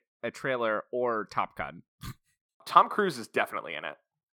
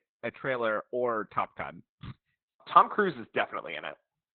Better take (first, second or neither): first